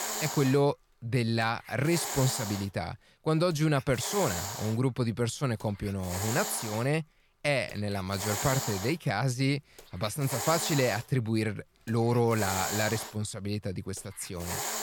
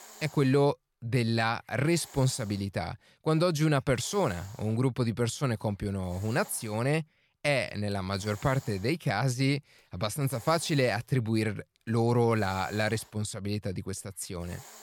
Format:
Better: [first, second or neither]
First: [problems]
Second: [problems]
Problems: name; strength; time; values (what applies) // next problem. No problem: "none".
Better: second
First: hiss; loud; throughout; 5 dB below the speech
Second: hiss; faint; throughout; 20 dB below the speech